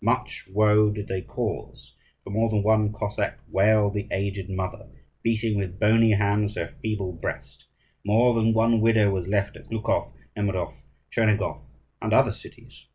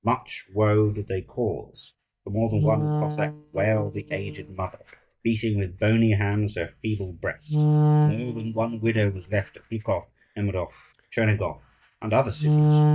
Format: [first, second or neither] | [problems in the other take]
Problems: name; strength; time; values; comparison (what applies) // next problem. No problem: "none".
first | noise reduction (neural mask model DeepFilterNet 3)